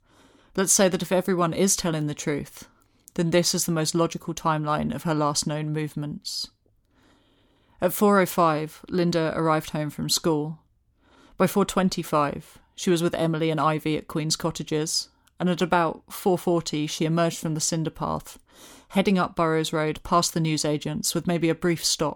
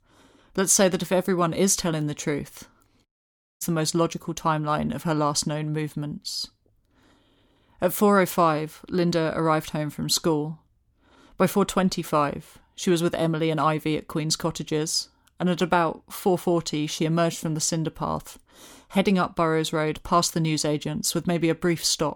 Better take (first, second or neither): first